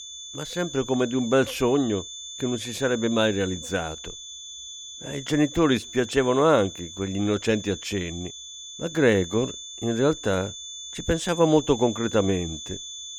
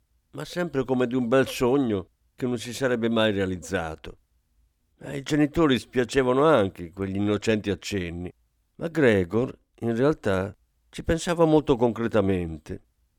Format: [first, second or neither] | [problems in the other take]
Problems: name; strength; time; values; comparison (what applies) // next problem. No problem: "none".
second | high-pitched whine; noticeable; throughout; 3.5 kHz, 10 dB below the speech